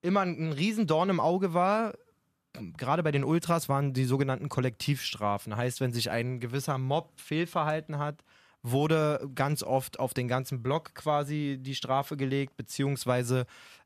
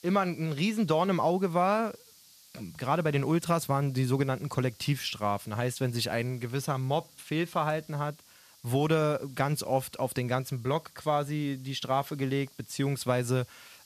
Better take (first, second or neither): first